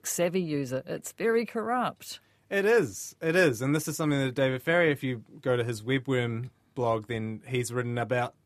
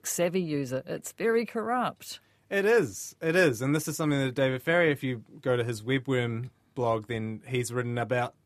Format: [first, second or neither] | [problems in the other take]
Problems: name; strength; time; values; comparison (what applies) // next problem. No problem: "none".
neither | none